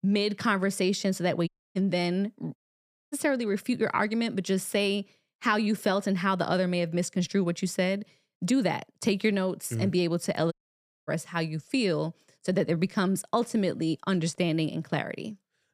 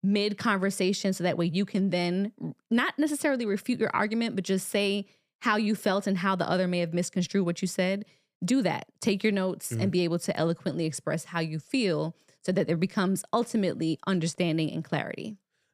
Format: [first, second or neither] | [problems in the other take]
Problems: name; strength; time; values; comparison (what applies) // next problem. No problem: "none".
second | audio cutting out; at 1.5 s, at 2.5 s for 0.5 s and at 11 s for 0.5 s